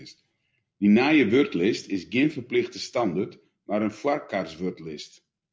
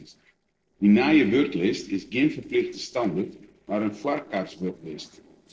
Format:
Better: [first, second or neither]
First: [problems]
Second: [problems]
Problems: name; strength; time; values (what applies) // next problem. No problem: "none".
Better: first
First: none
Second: noise reduction (neural separator model SepFormer DNS4)